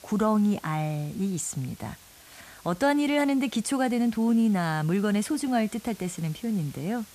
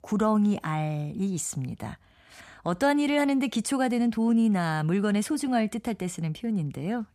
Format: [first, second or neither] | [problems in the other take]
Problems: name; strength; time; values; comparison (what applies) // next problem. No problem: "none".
second | hiss; faint; throughout; 20 dB below the speech